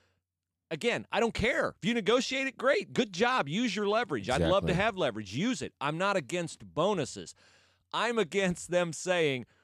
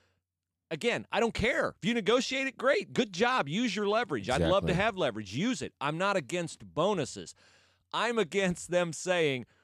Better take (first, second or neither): neither